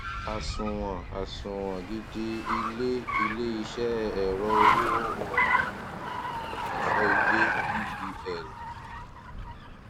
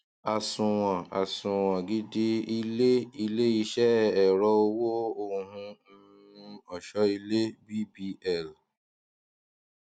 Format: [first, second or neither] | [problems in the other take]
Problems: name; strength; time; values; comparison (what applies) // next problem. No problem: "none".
second | background sound (Car); 5 dB above the speech